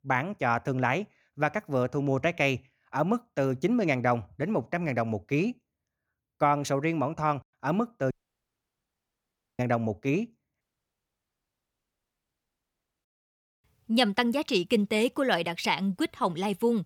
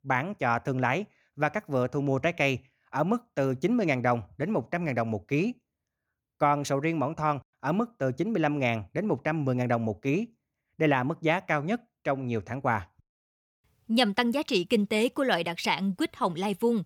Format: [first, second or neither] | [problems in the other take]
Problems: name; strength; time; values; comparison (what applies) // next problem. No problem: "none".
second | audio cutting out; at 8 s for 1.5 s and at 11 s for 2.5 s